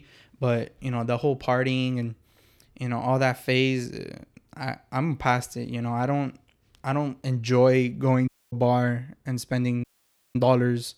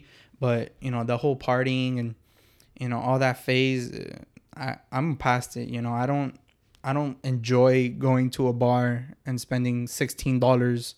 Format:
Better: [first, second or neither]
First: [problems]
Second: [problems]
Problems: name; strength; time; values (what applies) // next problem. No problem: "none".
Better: second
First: audio cutting out; at 8.5 s and at 10 s for 0.5 s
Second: none